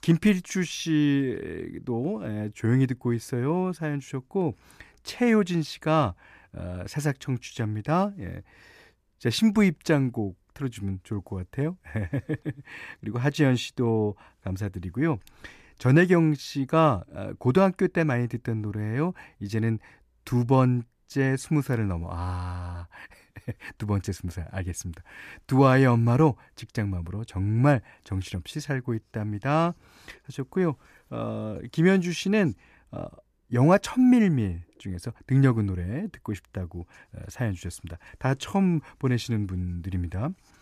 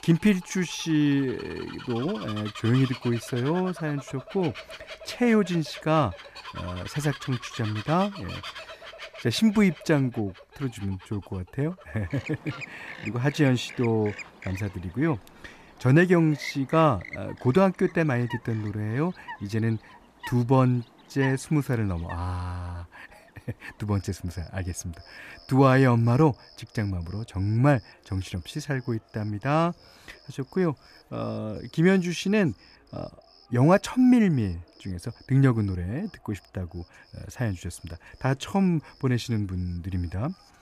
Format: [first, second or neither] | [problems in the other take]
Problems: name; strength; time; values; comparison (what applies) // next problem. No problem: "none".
first | animal sounds; noticeable; throughout; 15 dB below the speech